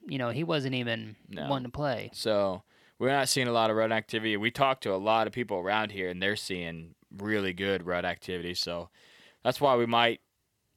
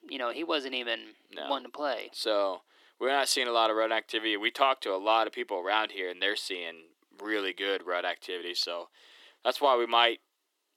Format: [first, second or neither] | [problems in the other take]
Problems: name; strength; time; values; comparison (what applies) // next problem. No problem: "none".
first | thin; somewhat; fading below 300 Hz